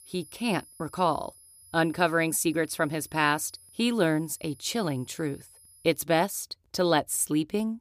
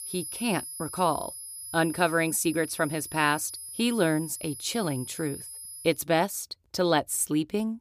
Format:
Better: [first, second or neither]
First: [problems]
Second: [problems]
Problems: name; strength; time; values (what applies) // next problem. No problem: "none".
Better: first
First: high-pitched whine; faint; until 6 s; 10.5 kHz, 25 dB below the speech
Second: high-pitched whine; loud; until 6 s; 10.5 kHz, 10 dB below the speech